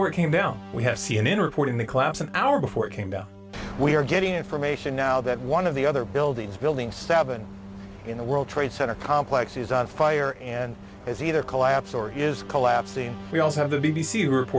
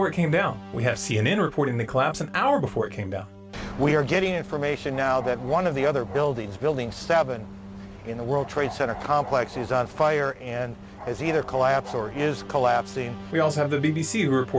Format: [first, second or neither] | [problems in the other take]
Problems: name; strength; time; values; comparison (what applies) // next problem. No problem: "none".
first | background sound (Bark); 16 dB below the speech